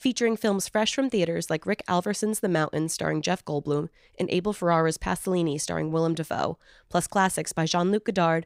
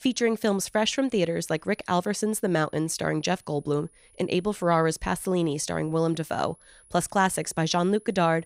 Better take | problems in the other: first | high-pitched whine; faint; throughout; 10.5 kHz, 30 dB below the speech

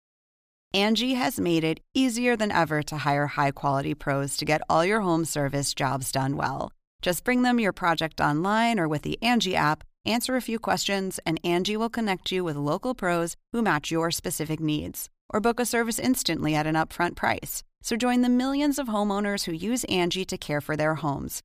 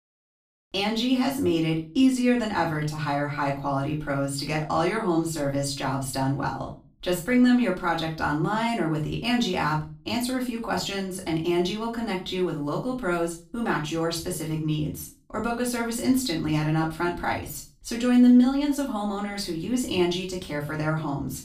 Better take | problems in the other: first | off-mic speech; far // room echo; slight; dies away in 0.3 s

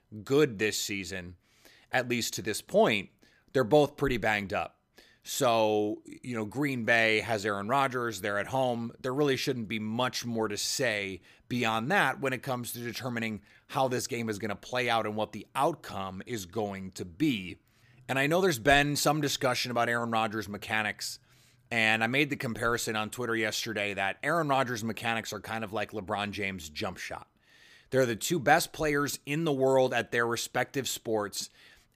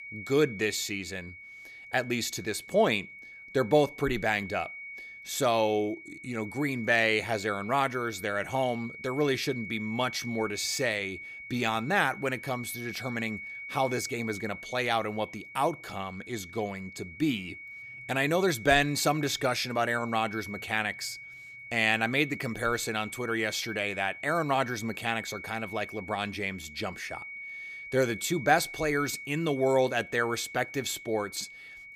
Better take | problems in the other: first | high-pitched whine; noticeable; throughout; 2 kHz, 10 dB below the speech

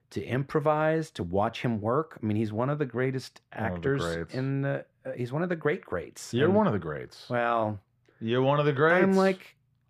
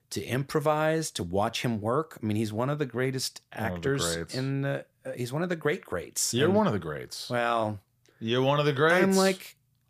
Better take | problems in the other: second | muffled; slightly; fading above 3.5 kHz

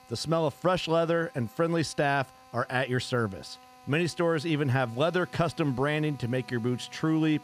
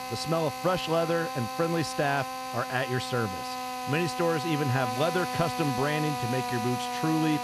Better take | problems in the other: first | machinery noise; loud; throughout; 4 dB below the speech; faint in the first

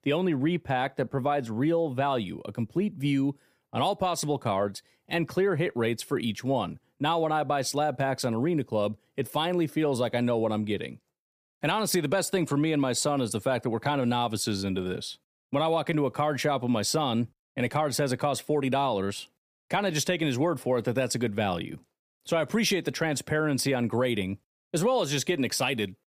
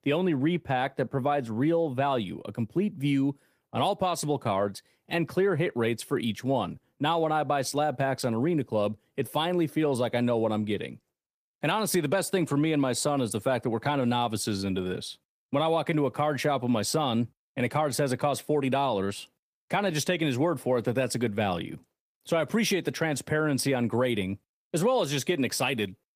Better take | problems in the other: first | garbled, watery; slightly; nothing above 15 kHz

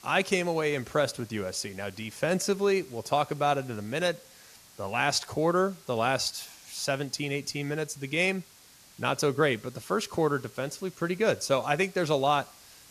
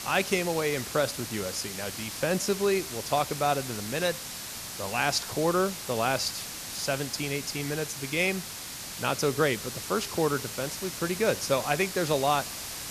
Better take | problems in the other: first | hiss; loud; throughout; 7 dB below the speech; faint in the first

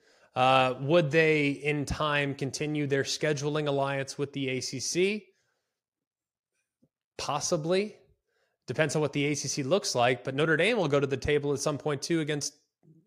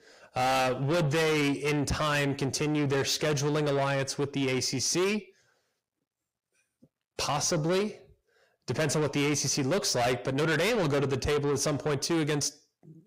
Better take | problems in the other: first | distortion; heavy; 6 dB below the speech

